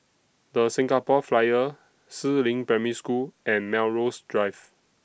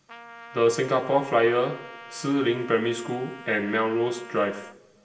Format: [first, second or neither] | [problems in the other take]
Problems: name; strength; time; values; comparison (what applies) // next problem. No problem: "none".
first | background sound (Trumpet); 18 dB below the speech // room echo; dies away in 0.8 s